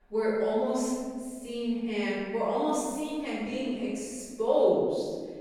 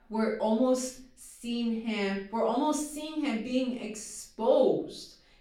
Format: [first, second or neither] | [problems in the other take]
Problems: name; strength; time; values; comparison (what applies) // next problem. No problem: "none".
second | room echo; strong; dies away in 1.7 s; slight in the second // off-mic speech; far; far in the second